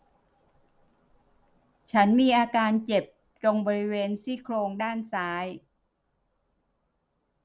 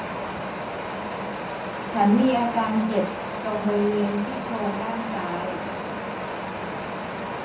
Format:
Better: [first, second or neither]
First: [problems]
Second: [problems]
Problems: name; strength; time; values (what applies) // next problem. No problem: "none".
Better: first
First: none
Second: background sound (Wind); 4 dB below the speech // room echo; dies away in 0.6 s